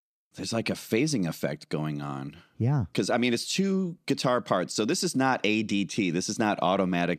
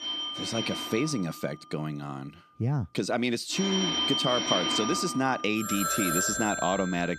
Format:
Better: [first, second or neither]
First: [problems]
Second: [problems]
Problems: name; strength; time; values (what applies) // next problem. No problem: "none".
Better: first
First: none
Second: alarms or sirens; very loud; throughout; 1 dB above the speech